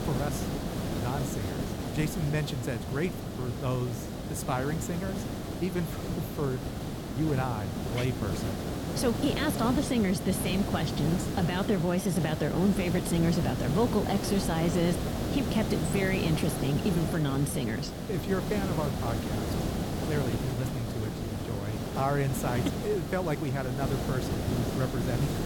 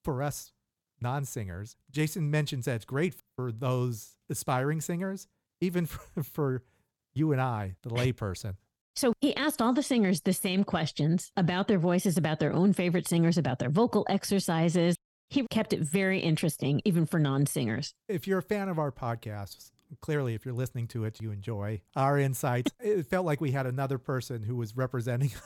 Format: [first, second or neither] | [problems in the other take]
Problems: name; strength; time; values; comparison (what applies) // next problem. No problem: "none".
second | hiss; loud; throughout; 2 dB below the speech